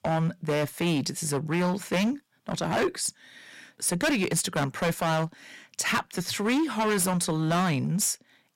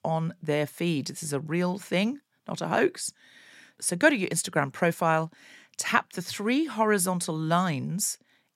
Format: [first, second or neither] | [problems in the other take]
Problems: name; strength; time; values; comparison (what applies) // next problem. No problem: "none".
second | distortion; heavy; 14% of the sound clipped